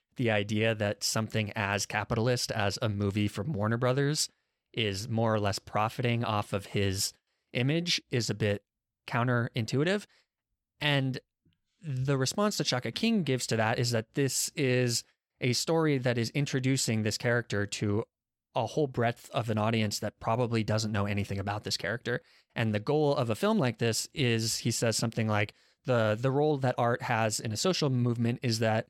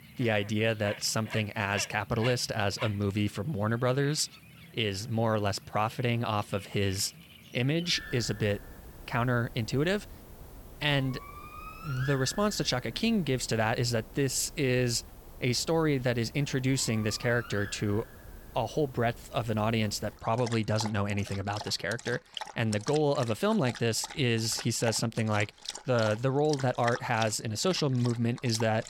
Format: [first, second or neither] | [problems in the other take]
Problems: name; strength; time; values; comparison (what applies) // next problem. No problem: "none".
first | animal sounds; noticeable; throughout; 15 dB below the speech